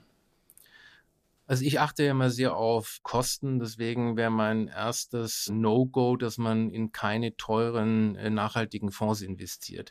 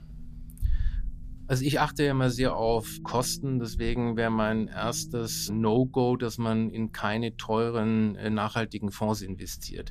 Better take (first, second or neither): first